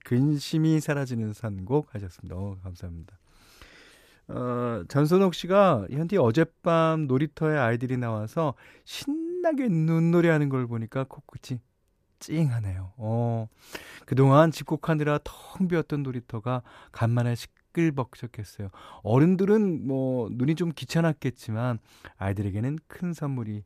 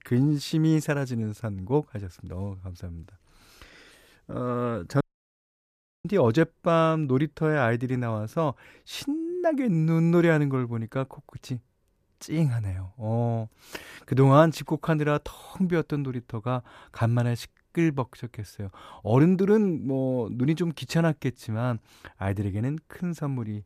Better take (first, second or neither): first